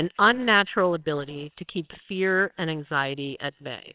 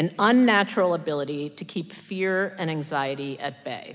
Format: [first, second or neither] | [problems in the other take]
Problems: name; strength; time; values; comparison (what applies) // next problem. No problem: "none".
second | noise reduction (neural separator model SepFormer WHAMR!)